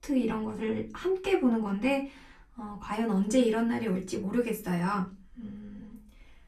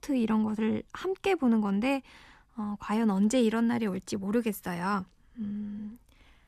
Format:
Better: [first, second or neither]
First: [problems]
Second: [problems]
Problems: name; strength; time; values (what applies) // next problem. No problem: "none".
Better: second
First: off-mic speech; far // room echo; very slight; dies away in 0.2 s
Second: none